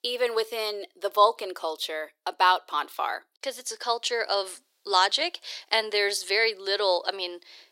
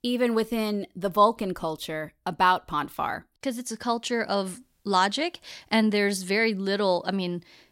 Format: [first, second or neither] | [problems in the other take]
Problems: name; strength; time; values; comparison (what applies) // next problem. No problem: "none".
second | thin; very; fading below 400 Hz